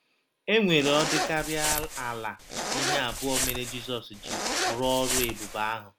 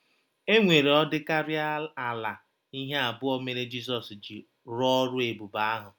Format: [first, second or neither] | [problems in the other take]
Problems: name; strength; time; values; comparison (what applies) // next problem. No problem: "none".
second | background sound (Zipper (clothing)); 2 dB below the speech